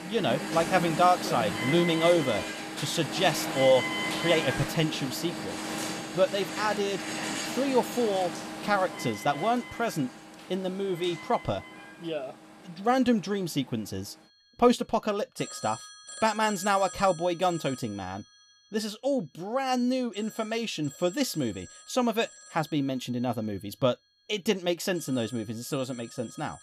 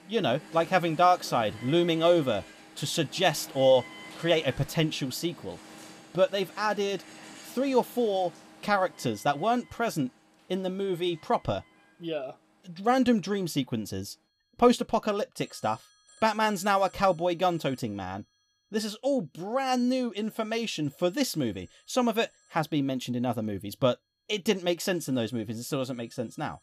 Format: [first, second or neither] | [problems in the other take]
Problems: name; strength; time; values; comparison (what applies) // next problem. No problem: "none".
second | alarms or sirens; loud; throughout; 6 dB below the speech; faint in the second